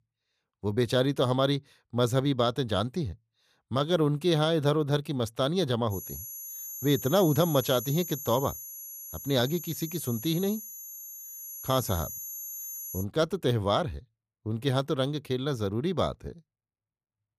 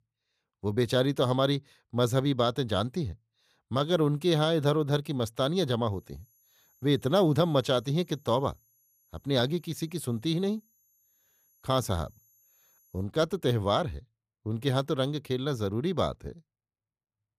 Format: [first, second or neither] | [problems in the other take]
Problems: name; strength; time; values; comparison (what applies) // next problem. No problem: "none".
second | high-pitched whine; loud; from 6 to 13 s; 11.5 kHz, 9 dB below the speech; faint in the second